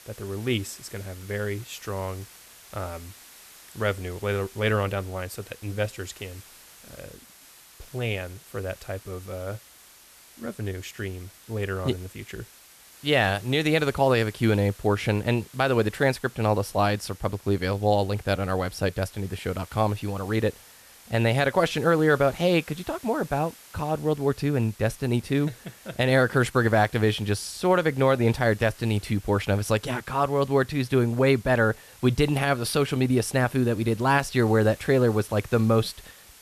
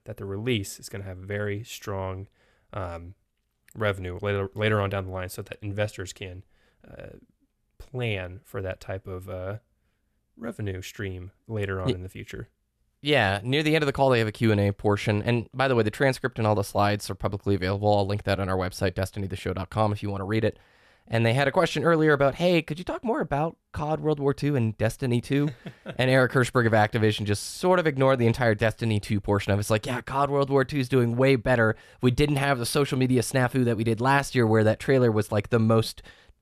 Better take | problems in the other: second | hiss; faint; throughout; 25 dB below the speech

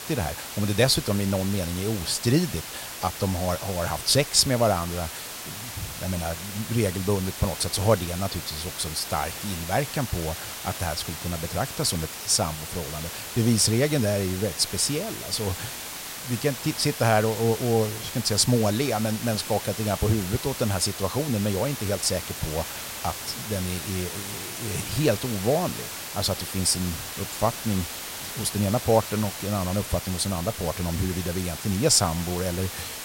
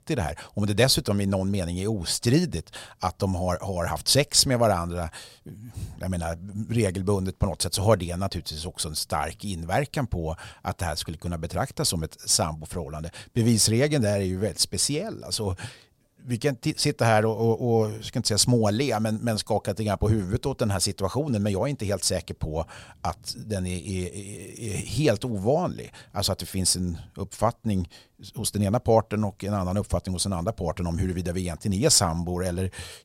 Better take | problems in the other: second | hiss; loud; throughout; 8 dB below the speech

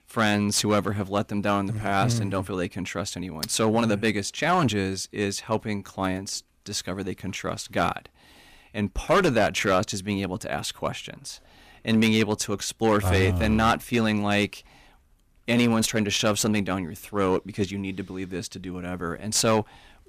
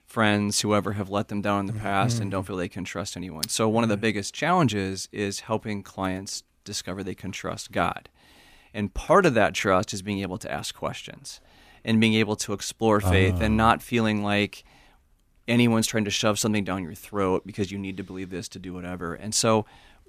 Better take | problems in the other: second | distortion; slight; 5% of the sound clipped

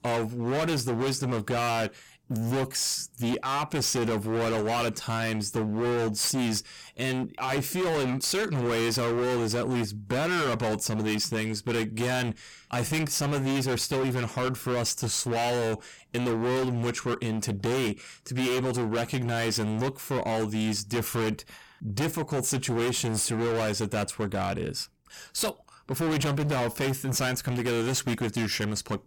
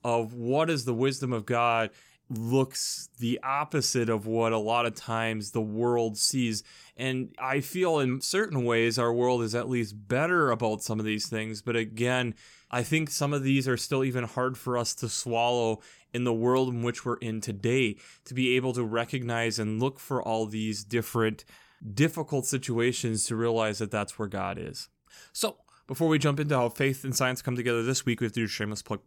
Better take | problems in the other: second | distortion; heavy; 31% of the sound clipped

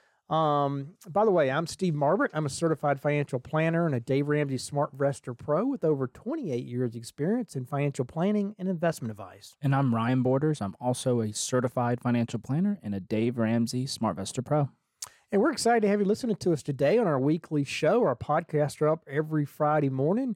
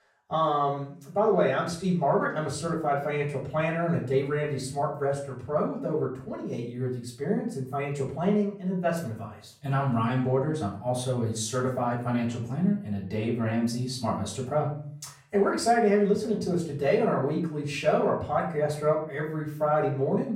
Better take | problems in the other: first | off-mic speech; far // room echo; slight; dies away in 0.4 s

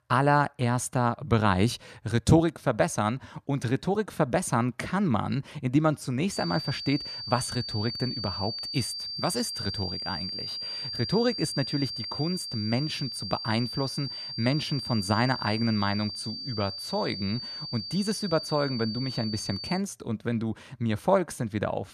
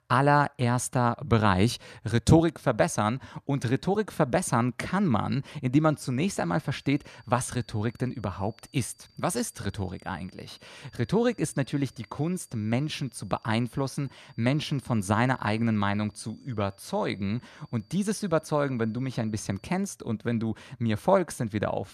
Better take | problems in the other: second | high-pitched whine; loud; from 6.5 to 20 s; 4.5 kHz, 5 dB below the speech; faint in the second

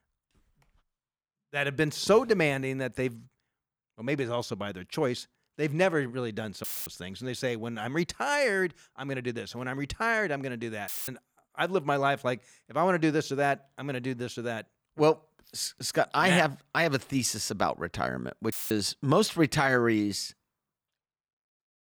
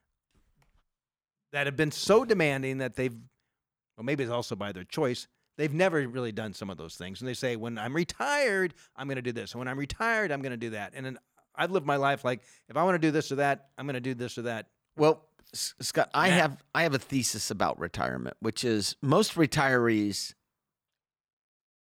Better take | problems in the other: second | audio cutting out; filled with static; at 6.5 s, at 11 s and at 19 s

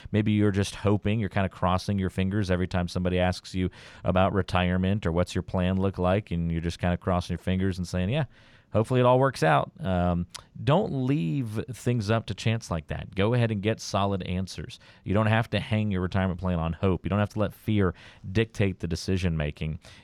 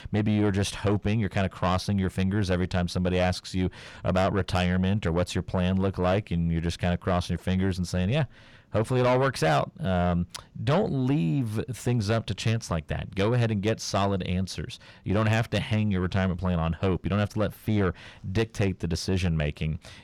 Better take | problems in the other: first | distortion; slight; 10 dB below the speech

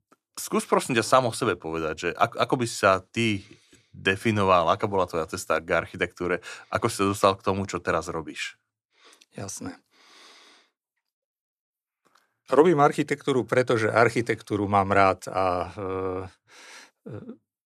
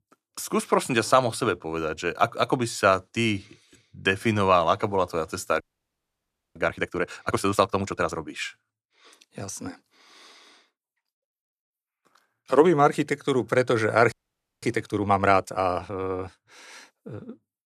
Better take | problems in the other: first | audio freezing; at 5.5 s for 1 s and at 14 s for 0.5 s

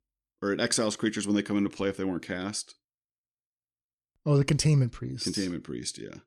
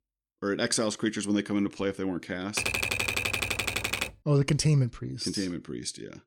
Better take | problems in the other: first | keyboard typing; loud; from 2.5 to 4 s; peak 2 dB above the speech

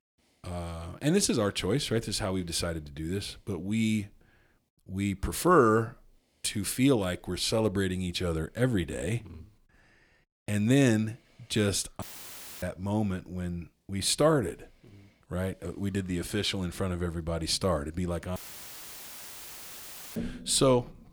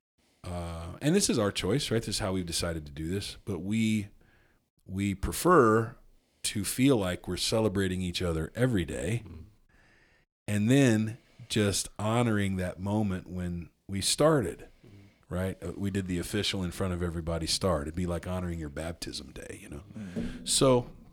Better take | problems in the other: second | audio cutting out; filled with static; at 12 s for 0.5 s and at 18 s for 2 s

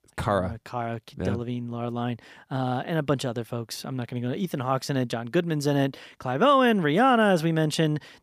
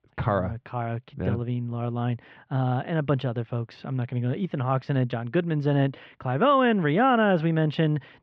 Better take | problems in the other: first | muffled; very; fading above 3 kHz

